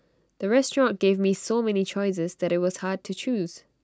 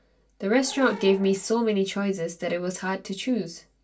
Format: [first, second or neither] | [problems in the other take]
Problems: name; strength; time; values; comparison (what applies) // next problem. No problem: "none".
first | background sound (Animal / Brass instrument); 20 dB below the speech // room echo; dies away in 0.2 s